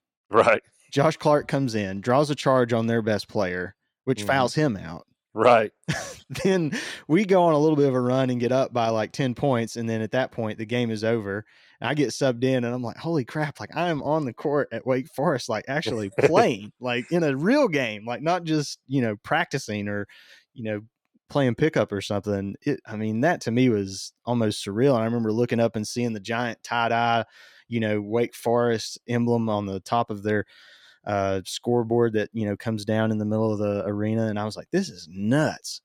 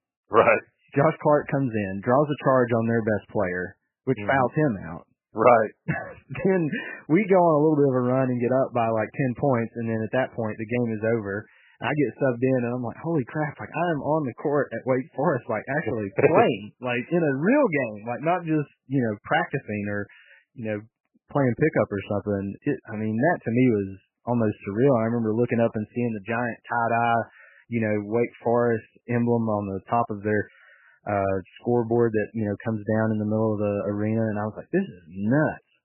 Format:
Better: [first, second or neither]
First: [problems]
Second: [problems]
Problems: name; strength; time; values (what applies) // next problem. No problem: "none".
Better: first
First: none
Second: garbled, watery; badly; nothing above 3 kHz